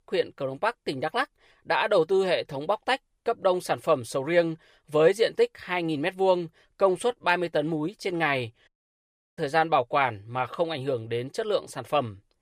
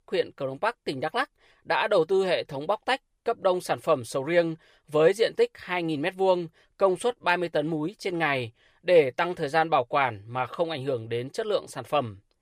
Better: second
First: audio cutting out; at 8.5 s for 0.5 s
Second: none

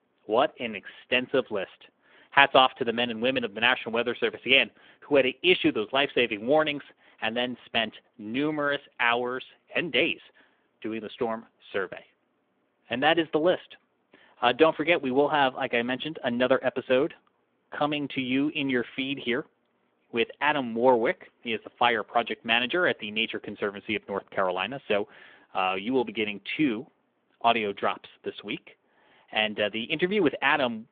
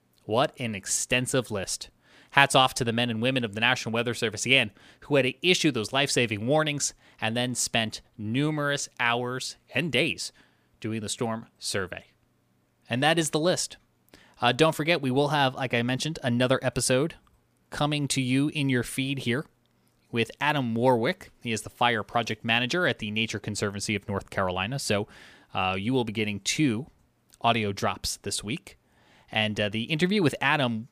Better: second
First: phone-call audio; nothing above 3.5 kHz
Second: none

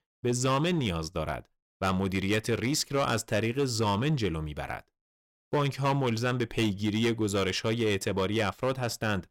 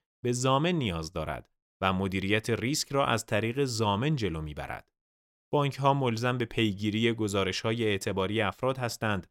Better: second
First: distortion; slight; 7% of the sound clipped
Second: none

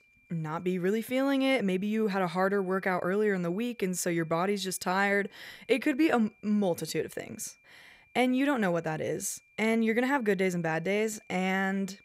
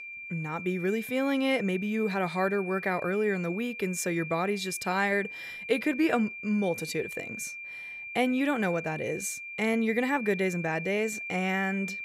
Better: first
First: high-pitched whine; faint; throughout; 2.5 kHz, 30 dB below the speech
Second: high-pitched whine; loud; throughout; 2.5 kHz, 9 dB below the speech

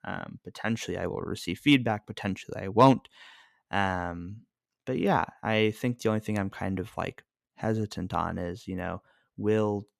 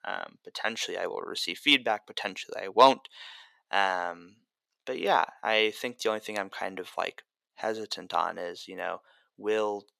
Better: first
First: none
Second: thin; somewhat; fading below 550 Hz

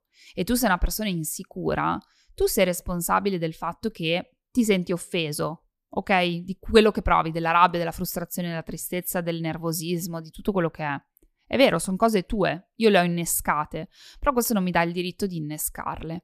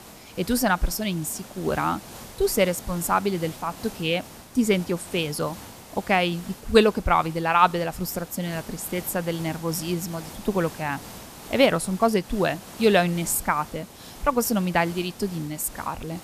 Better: first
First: none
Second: hiss; noticeable; throughout; 15 dB below the speech

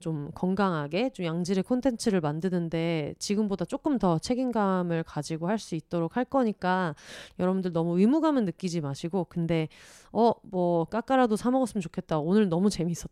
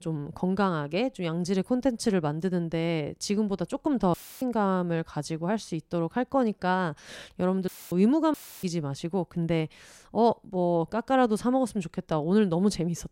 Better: first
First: none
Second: audio cutting out; filled with static; at 4 s, at 7.5 s and at 8.5 s

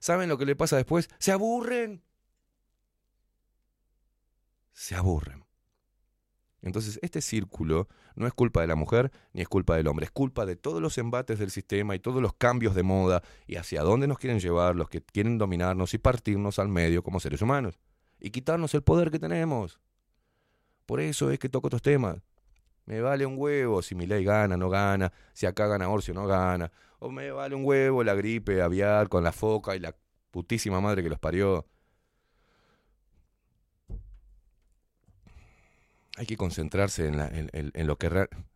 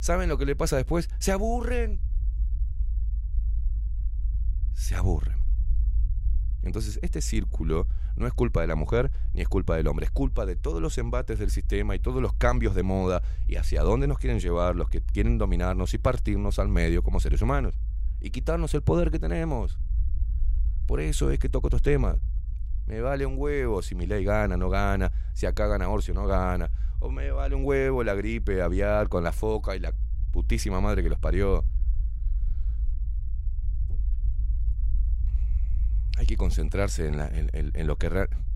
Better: first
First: none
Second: low rumble; faint; throughout; 20 dB below the speech

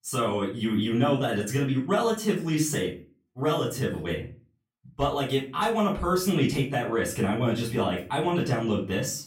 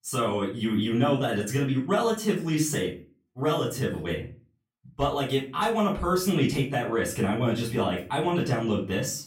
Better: neither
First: off-mic speech; far // room echo; slight; dies away in 0.3 s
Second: off-mic speech; far // room echo; slight; dies away in 0.3 s

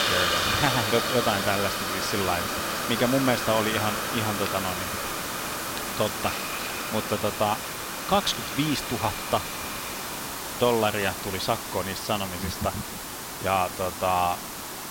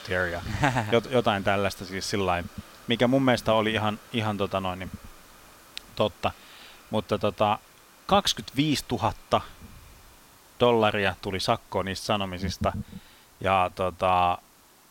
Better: second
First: hiss; loud; throughout; 2 dB below the speech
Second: hiss; faint; throughout; 25 dB below the speech

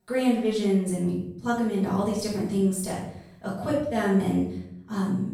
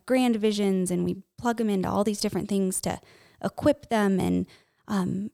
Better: second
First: off-mic speech; far // room echo; noticeable; dies away in 0.7 s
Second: none

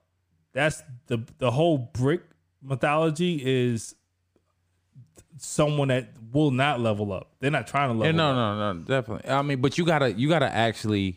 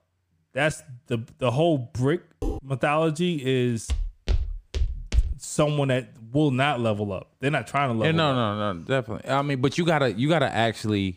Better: first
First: none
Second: clattering dishes; noticeable; at 2.5 s; peak 9 dB below the speech // footsteps; noticeable; from 4 to 5.5 s; peak 3 dB below the speech

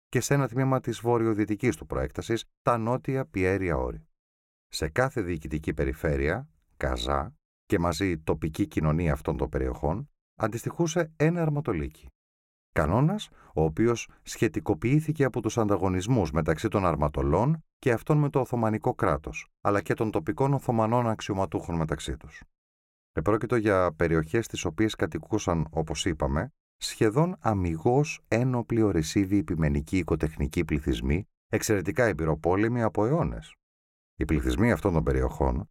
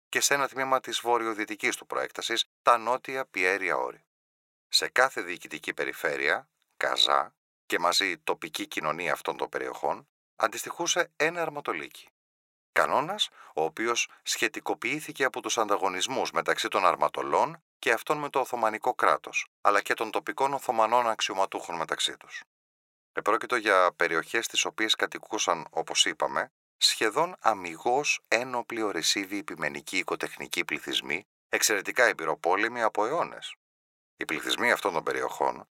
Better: first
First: none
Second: thin; very; fading below 750 Hz

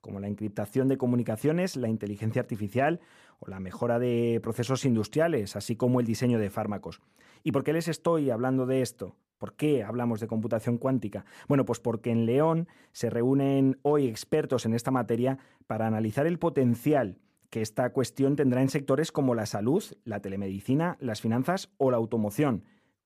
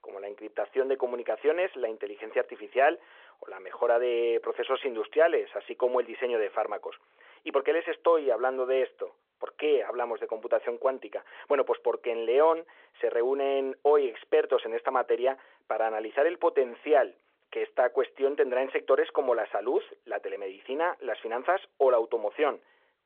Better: first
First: none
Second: phone-call audio; nothing above 3.5 kHz

